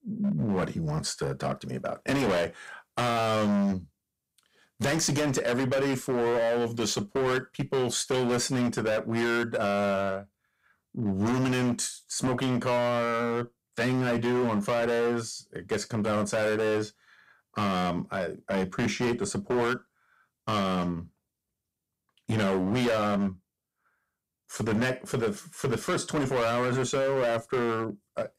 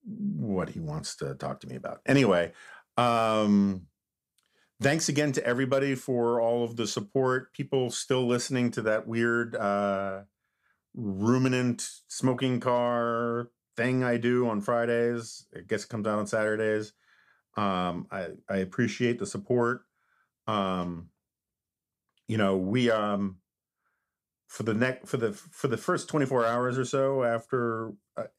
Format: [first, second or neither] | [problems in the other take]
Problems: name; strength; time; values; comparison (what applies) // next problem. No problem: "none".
second | distortion; heavy; 17% of the sound clipped